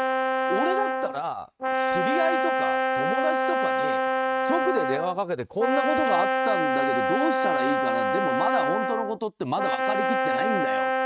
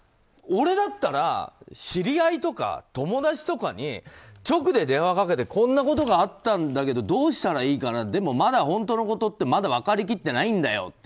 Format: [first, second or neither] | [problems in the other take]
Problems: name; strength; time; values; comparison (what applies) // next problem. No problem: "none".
second | noise reduction (neural mask model RNNoise)